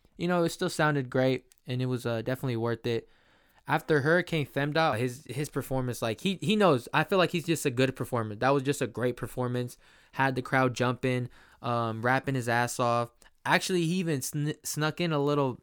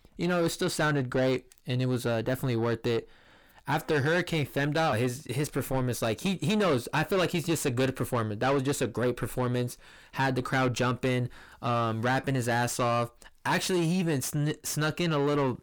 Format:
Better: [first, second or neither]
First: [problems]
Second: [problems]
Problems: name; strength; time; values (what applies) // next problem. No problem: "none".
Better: first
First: none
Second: distortion; heavy; 7 dB below the speech